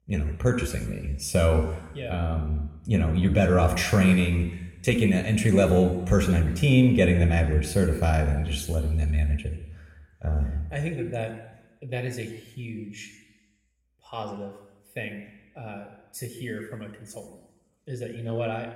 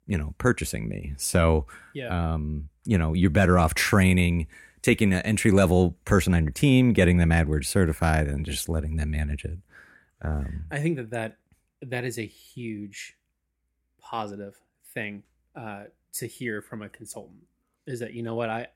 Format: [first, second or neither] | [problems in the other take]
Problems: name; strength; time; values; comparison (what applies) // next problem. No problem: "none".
second | room echo; noticeable; dies away in 1 s // off-mic speech; somewhat distant